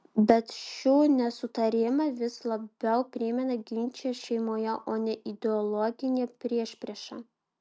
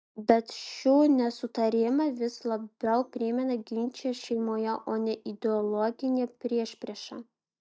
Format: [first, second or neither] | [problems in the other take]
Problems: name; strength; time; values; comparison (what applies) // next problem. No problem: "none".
first | noise reduction (neural mask model DeepFilterNet 3)